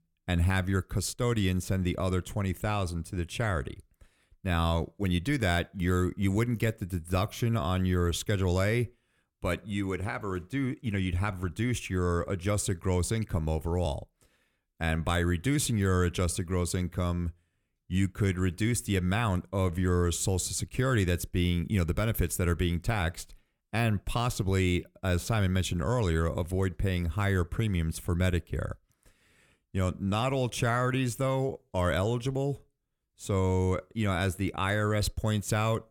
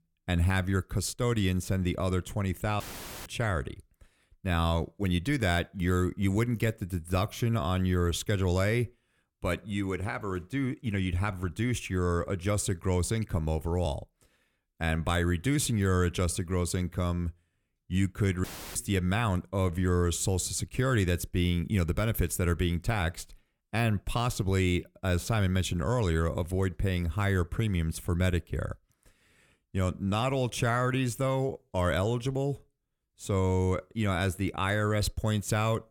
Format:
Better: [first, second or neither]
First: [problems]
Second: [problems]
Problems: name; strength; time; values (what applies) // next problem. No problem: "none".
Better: first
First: none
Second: audio cutting out; filled with static; at 3 s and at 18 s